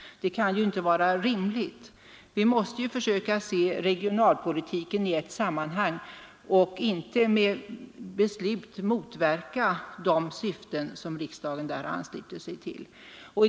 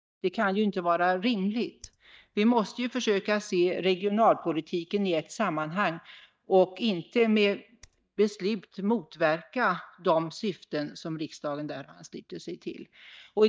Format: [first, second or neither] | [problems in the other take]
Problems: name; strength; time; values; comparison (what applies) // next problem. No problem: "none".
first | noise reduction (neural mask model DeepFilterNet 3)